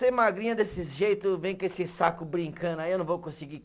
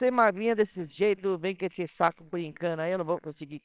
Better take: first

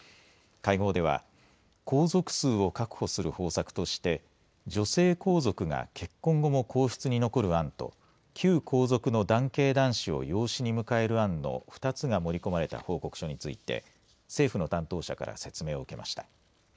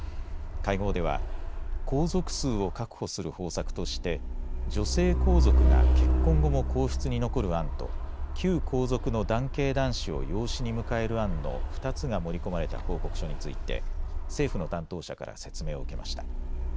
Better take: first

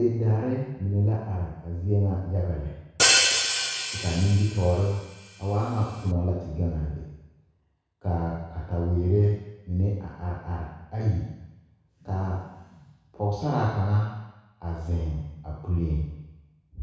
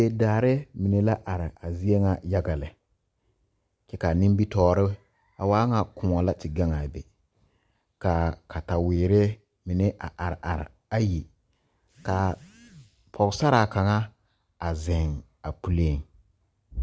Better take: second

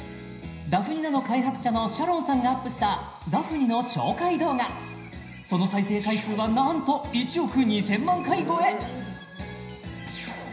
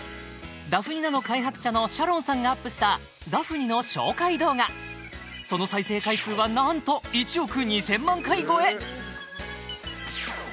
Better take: second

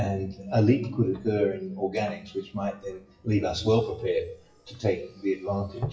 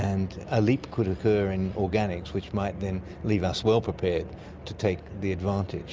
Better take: second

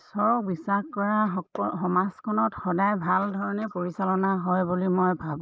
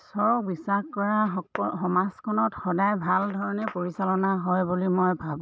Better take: second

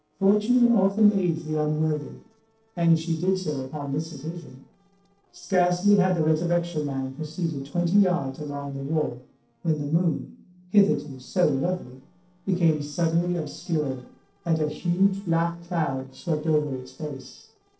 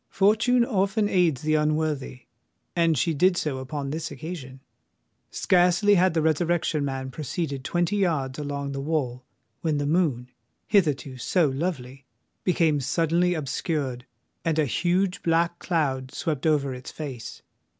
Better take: second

